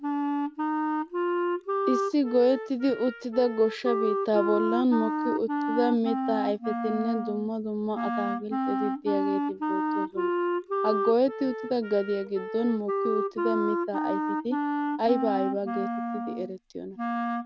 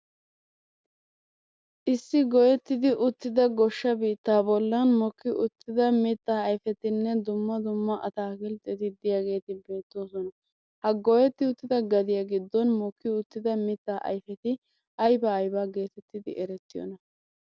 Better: second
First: background sound (Wind instrument, woodwind instrument); 1 dB below the speech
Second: none

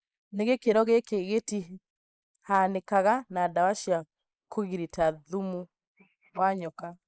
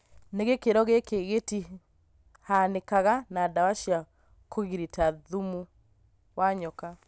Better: second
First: noise reduction (neural mask model Resemble Enhance denoiser)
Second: none

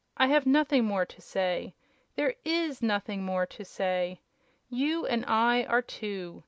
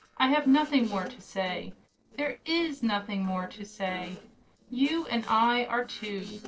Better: first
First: none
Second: noise reduction (neural separator model SepFormer DNS4)

